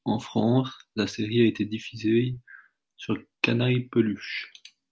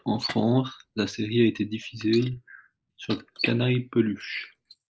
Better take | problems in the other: first | noise reduction (neural mask model Resemble Enhance denoiser)

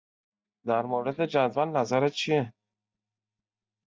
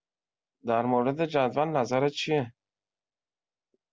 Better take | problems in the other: second | noise reduction (neural mask model DeepFilterNet 3)

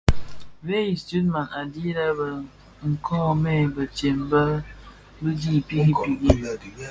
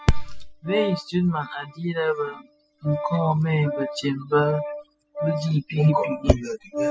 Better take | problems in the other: first | noise reduction (classical method spectral subtraction)

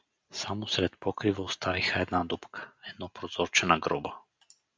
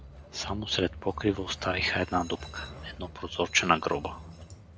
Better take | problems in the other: first | background sound (Train); 14 dB below the speech

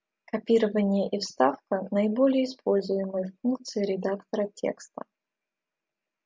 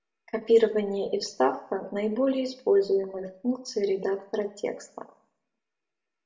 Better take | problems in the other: first | room echo; dies away in 0.4 s

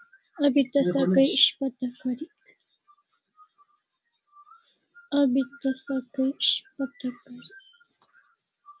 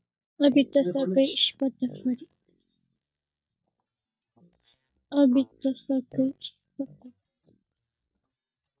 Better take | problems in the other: first | noise reduction (neural mask model DeepFilterNet 3)

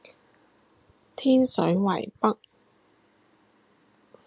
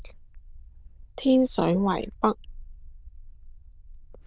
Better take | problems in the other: first | noise reduction (neural diffusion model UNIVERSE++)

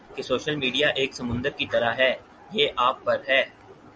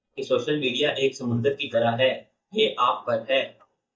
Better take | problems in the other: first | noise reduction (neural mask model DeepFilterNet 3)

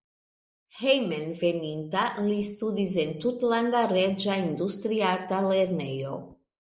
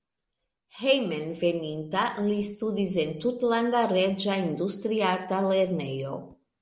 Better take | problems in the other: second | noise reduction (neural mask model Resemble Enhance denoiser)

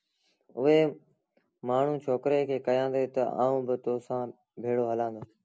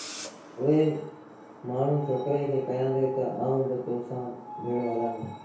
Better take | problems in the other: first | background sound (Screech); 14 dB below the speech // room echo; dies away in 0.6 s

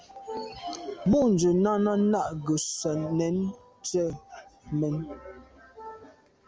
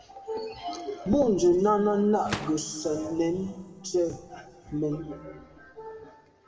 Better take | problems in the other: first | background sound (Gunshot, gunfire); 17 dB below the speech // room echo; dies away in 1.5 s

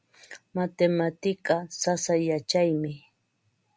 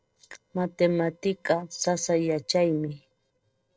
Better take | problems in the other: first | noise reduction (neural separator model SepFormer DNS4)

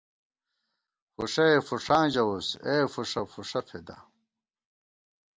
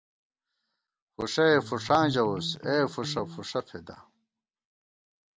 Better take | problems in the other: first | background sound (Electric guitar); 10 dB below the speech

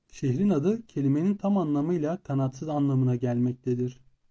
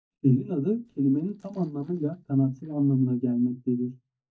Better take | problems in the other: first | noise reduction (neural mask model DeepFilterNet 3)

